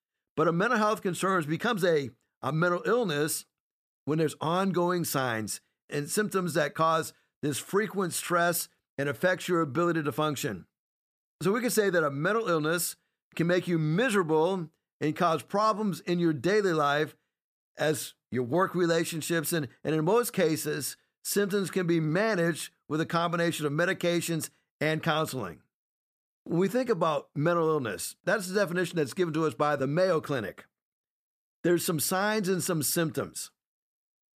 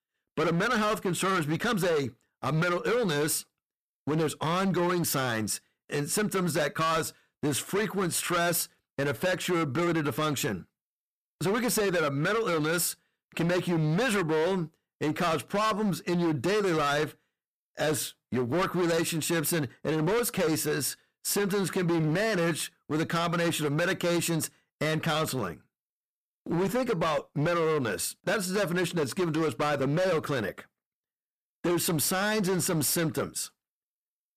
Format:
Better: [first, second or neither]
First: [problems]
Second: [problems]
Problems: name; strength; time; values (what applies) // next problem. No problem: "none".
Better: first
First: none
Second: distortion; heavy; 19% of the sound clipped